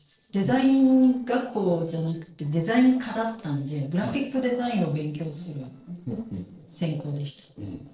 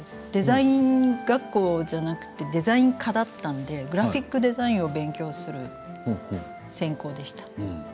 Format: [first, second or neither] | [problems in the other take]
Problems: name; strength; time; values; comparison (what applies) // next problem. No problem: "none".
second | noise reduction (neural separator model SepFormer DNS4)